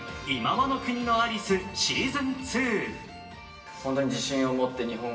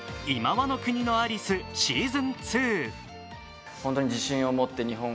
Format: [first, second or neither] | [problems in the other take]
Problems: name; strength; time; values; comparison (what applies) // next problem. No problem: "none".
second | room echo; dies away in 0.9 s